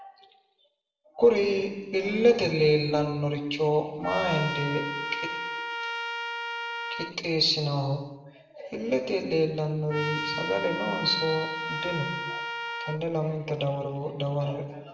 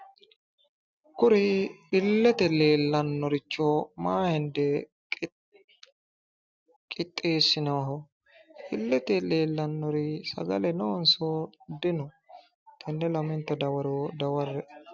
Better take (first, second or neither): second